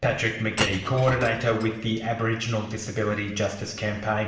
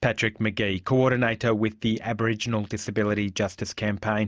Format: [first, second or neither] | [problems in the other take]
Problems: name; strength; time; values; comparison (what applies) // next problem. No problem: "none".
second | background sound (Shatter / Crushing); 11 dB below the speech // room echo; dies away in 0.8 s